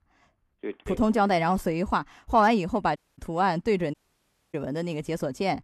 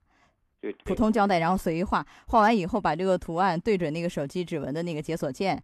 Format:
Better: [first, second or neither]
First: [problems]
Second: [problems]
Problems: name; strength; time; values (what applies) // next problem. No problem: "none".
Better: second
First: audio cutting out; at 3 s and at 4 s for 0.5 s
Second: none